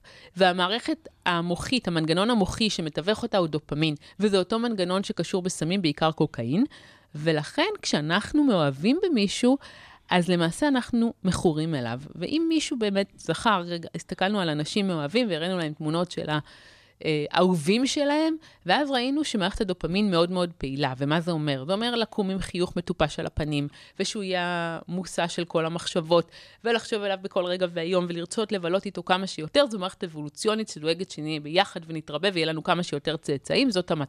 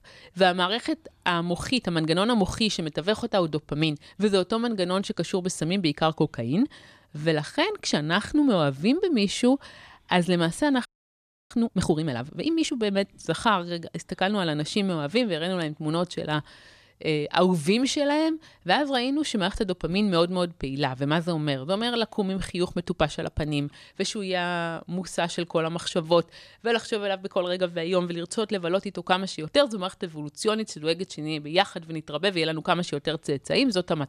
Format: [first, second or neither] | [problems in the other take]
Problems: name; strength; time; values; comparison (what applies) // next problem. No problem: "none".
first | audio freezing; at 11 s for 0.5 s